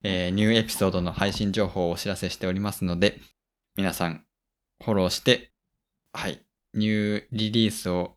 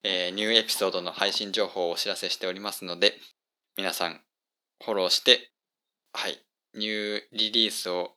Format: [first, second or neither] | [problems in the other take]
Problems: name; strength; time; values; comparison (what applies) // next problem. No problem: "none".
first | thin; somewhat; fading below 350 Hz